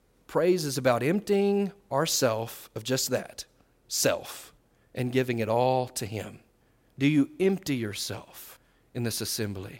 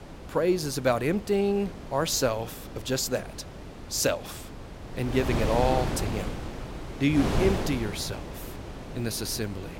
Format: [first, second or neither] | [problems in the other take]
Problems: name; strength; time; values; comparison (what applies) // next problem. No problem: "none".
first | wind noise on the microphone; heavy; 9 dB below the speech